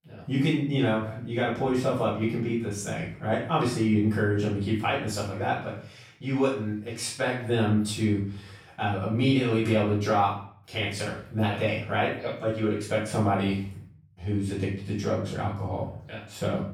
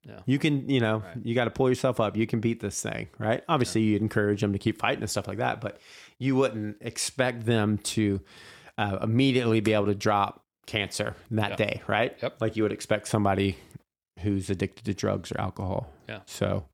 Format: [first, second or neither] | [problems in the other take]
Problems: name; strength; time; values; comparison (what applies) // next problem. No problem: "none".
second | off-mic speech; far // room echo; noticeable; dies away in 0.5 s